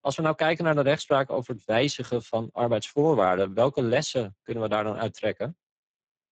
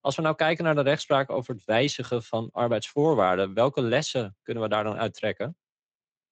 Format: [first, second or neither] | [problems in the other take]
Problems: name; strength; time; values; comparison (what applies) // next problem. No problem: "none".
second | garbled, watery; badly; nothing above 7.5 kHz; slightly in the second